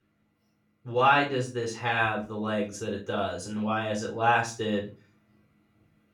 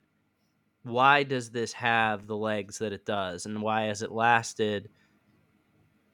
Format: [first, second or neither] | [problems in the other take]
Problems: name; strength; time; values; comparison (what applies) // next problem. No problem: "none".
second | off-mic speech; far // room echo; slight; dies away in 0.3 s